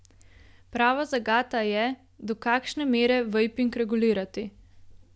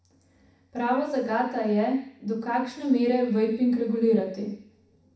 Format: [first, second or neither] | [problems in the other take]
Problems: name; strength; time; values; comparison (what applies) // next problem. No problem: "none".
first | room echo; dies away in 0.7 s